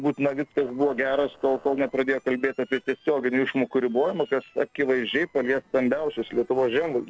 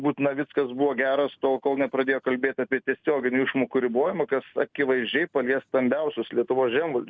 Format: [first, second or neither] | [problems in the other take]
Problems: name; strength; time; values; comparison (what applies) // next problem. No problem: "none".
second | noise reduction (neural separator model SepFormer DNS4)